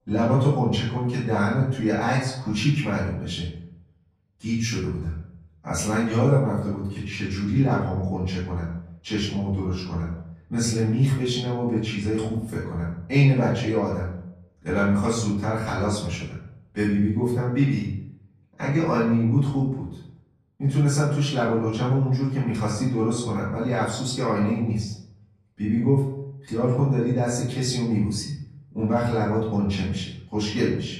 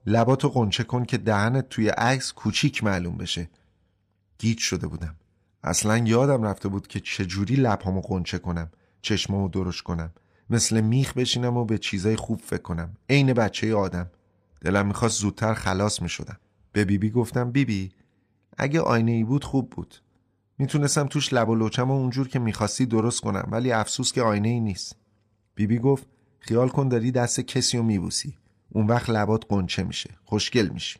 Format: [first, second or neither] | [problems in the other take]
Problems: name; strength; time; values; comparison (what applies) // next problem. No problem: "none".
second | off-mic speech; far // room echo; noticeable; dies away in 0.7 s